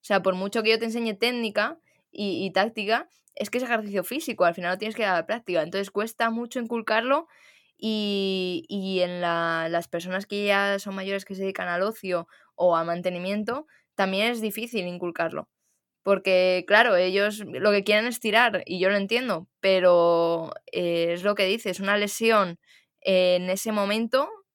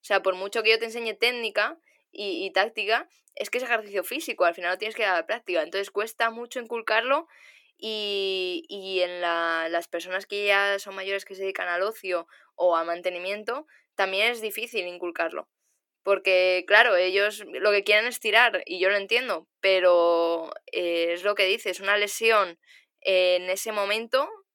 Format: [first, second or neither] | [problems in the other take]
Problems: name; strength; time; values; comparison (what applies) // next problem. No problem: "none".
first | thin; somewhat; fading below 350 Hz